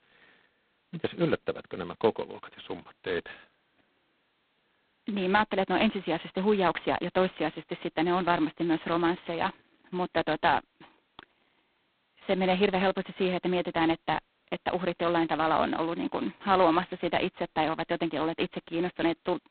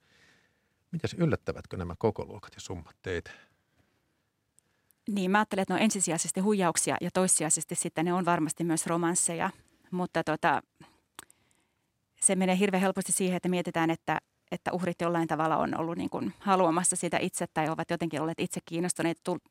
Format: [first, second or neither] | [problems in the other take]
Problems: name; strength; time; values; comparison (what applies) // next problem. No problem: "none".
second | phone-call audio; poor line; nothing above 4 kHz